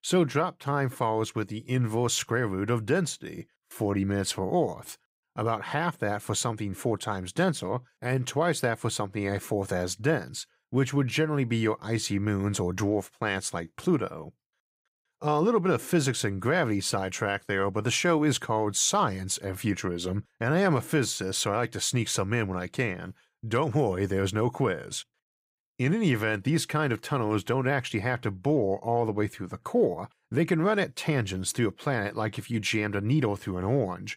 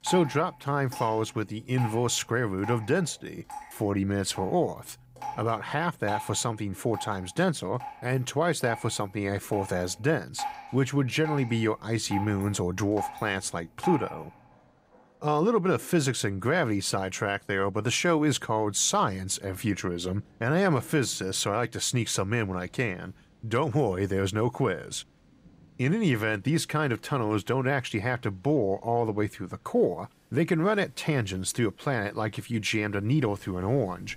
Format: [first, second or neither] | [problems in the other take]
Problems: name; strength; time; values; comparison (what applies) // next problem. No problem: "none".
first | rain or running water; noticeable; throughout; 15 dB below the speech